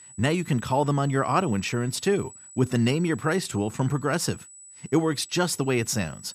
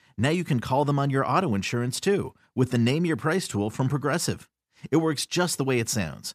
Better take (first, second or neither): second